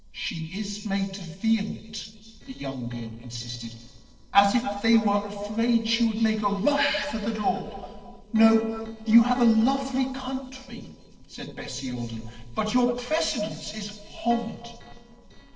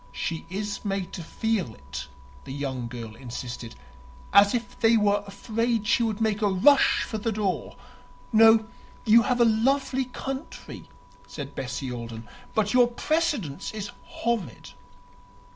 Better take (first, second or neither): second